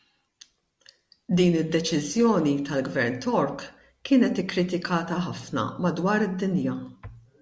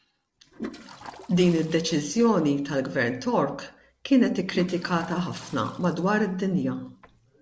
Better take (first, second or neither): first